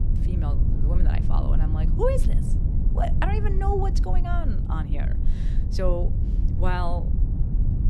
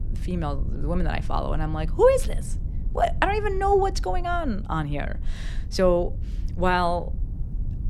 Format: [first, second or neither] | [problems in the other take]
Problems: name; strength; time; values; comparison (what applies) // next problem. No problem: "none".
second | low rumble; loud; throughout; 8 dB below the speech; faint in the second